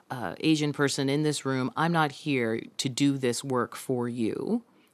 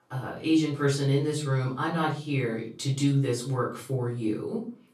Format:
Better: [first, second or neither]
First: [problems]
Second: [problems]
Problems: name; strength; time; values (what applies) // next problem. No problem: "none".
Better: first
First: none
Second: off-mic speech; far // room echo; slight; dies away in 0.4 s